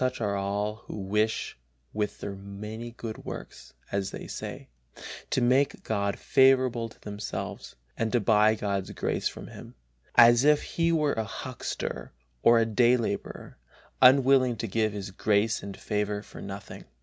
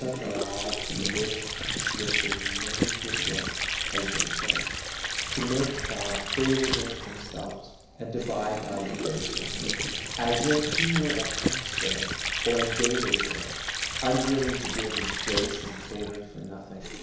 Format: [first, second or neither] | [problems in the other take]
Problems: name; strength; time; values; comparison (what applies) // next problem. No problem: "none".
first | background sound (Sink (filling or washing) / Water); 1 dB above the speech // room echo; dies away in 1 s